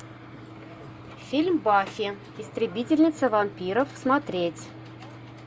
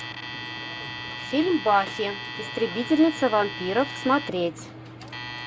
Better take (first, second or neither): first